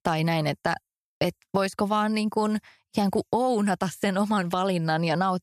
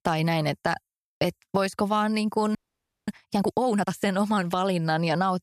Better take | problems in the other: first | audio freezing; at 2.5 s for 0.5 s

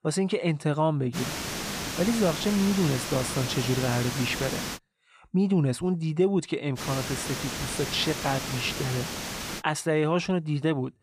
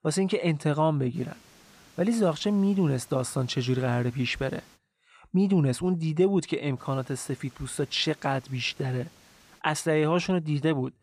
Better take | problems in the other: second | hiss; loud; from 1 to 5 s and from 7 to 9.5 s; 5 dB below the speech; faint in the second

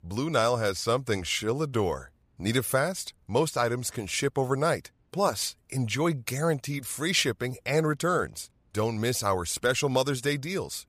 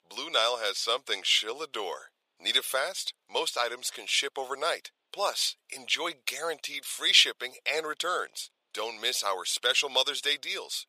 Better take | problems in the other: first | thin; very; fading below 500 Hz

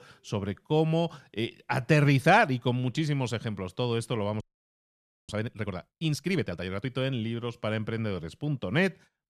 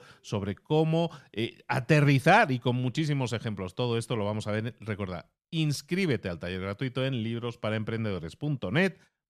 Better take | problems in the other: second | audio freezing; at 4.5 s for 1 s

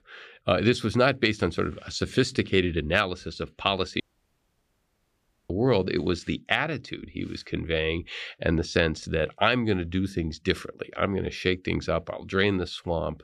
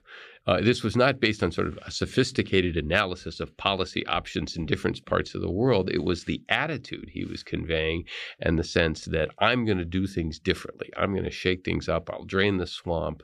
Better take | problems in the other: second | audio cutting out; at 4 s for 1.5 s

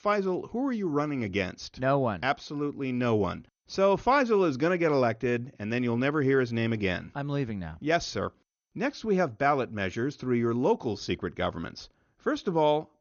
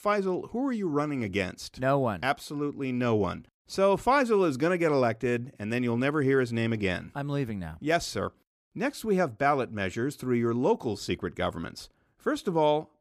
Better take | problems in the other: second | garbled, watery; slightly; nothing above 6.5 kHz

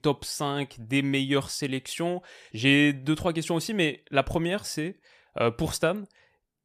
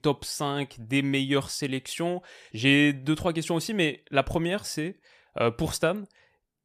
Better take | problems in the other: neither | none

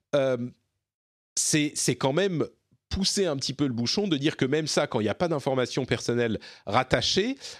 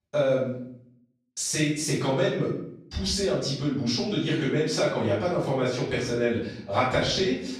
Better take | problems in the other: first | room echo; noticeable; dies away in 0.6 s // off-mic speech; far

